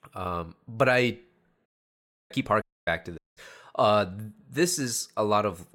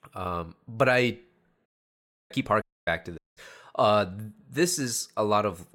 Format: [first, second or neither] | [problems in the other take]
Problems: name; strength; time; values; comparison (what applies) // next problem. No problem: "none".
neither | audio cutting out; at 1.5 s for 0.5 s, at 2.5 s and at 3 s; the same in both